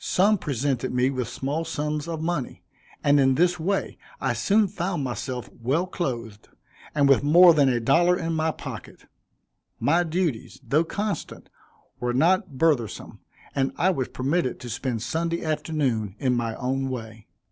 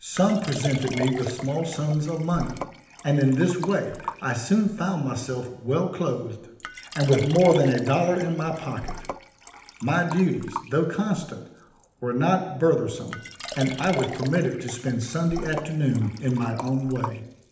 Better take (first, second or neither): first